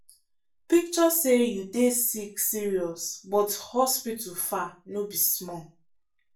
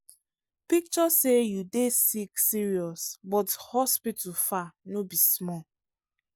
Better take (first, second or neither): second